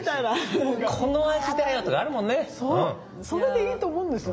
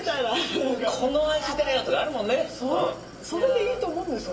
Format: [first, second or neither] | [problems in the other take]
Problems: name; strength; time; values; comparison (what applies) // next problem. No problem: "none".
first | background sound (Idling); 19 dB below the speech // room echo; dies away in 0.2 s